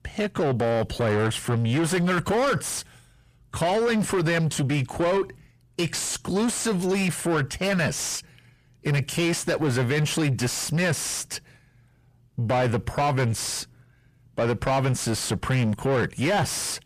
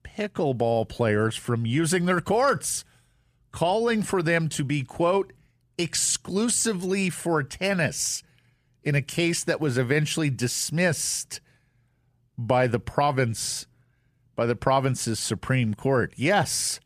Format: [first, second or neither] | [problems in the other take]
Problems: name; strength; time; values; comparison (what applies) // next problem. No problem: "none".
second | distortion; heavy; 7 dB below the speech